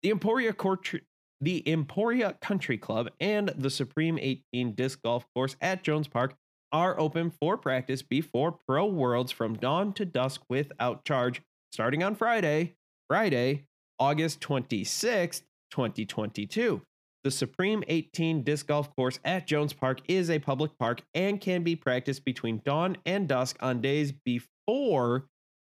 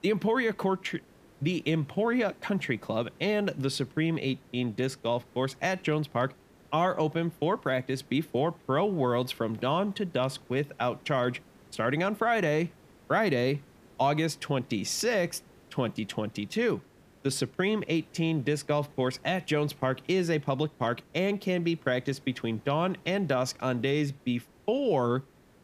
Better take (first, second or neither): first